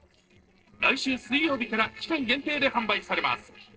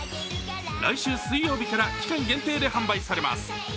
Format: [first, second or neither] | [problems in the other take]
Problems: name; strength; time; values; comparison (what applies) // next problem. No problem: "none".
second | noise reduction (neural separator model SepFormer DNS4)